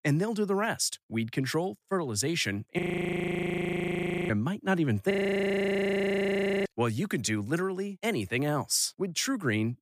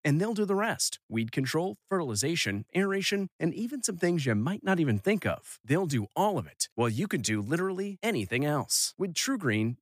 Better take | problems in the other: second | audio freezing; at 3 s for 1.5 s and at 5 s for 1.5 s

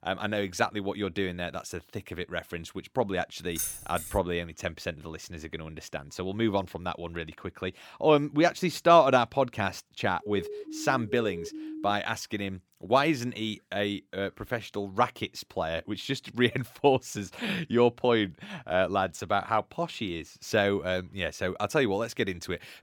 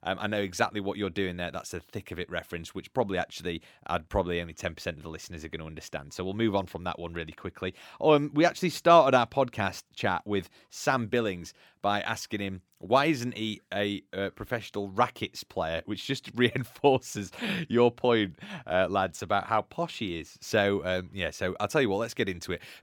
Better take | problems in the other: second | jangling keys; noticeable; at 3.5 s; peak 4 dB below the speech // siren; noticeable; from 10 to 12 s; peak 10 dB below the speech

